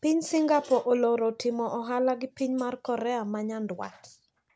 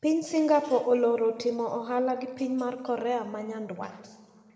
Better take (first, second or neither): first